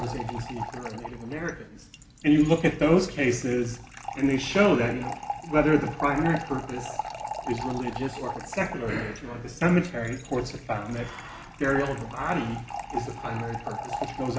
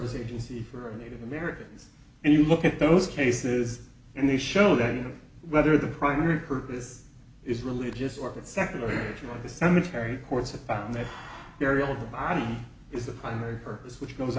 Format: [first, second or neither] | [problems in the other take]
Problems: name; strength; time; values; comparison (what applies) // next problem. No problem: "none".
second | background sound (Fill (with liquid) / Trickle, dribble); 11 dB below the speech